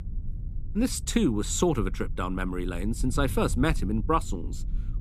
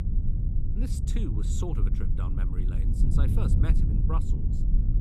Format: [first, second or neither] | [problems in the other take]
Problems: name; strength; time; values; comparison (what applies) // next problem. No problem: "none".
first | low rumble; loud; throughout; 1 dB below the speech; faint in the first